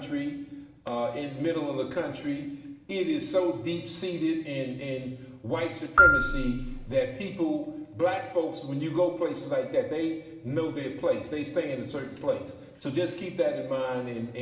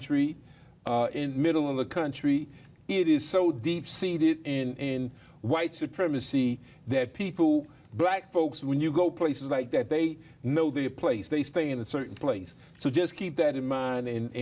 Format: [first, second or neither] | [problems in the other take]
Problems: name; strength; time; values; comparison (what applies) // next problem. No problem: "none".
second | background sound (Marimba, xylophone); 4 dB above the speech // room echo; dies away in 1 s